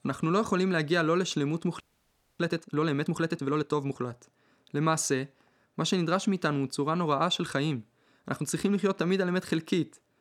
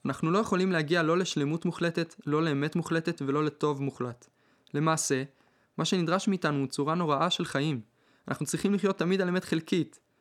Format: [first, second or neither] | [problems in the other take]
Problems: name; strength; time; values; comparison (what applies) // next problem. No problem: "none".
second | audio freezing; at 2 s for 0.5 s